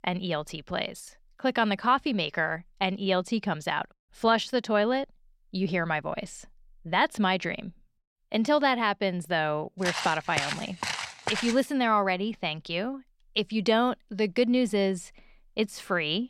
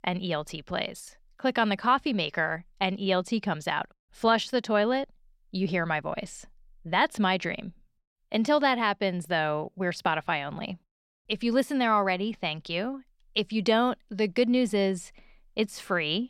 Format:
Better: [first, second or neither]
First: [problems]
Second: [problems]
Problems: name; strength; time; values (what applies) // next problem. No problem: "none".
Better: second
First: footsteps; noticeable; from 10 to 12 s; peak 3 dB below the speech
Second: none